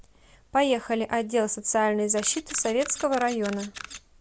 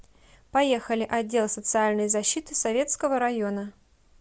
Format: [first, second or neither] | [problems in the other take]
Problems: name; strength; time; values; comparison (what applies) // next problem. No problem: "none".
second | background sound (Camera); 17 dB below the speech